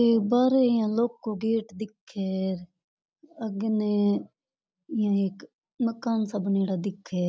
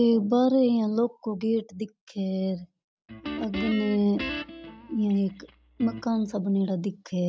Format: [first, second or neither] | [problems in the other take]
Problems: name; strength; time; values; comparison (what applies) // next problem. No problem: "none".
first | background sound (Guitar); 11 dB below the speech